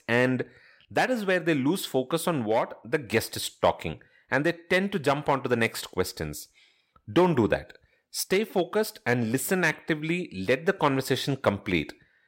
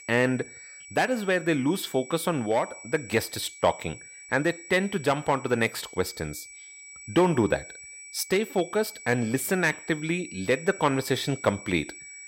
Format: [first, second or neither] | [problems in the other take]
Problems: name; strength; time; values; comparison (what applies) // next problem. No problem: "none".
first | high-pitched whine; noticeable; throughout; 2.5 kHz, 15 dB below the speech